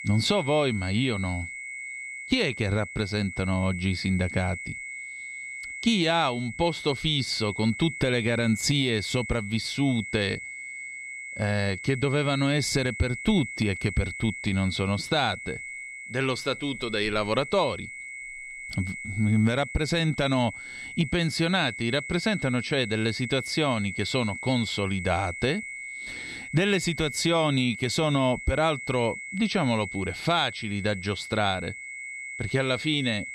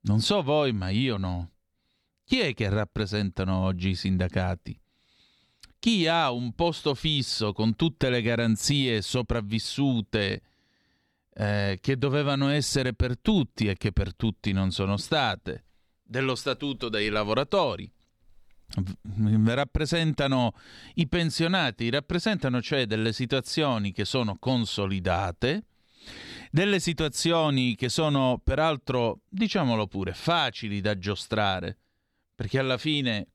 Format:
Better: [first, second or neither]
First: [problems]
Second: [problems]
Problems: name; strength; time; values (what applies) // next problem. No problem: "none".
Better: second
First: high-pitched whine; loud; throughout; 2 kHz, 9 dB below the speech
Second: none